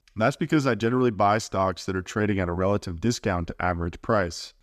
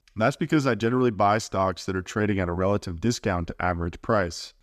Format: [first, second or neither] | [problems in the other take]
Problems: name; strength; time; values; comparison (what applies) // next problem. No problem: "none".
neither | none